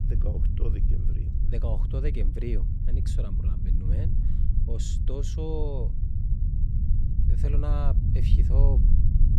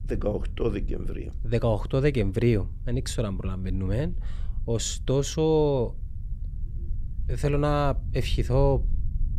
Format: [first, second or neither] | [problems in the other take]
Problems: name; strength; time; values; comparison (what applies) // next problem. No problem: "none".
second | low rumble; loud; throughout; 4 dB below the speech; faint in the second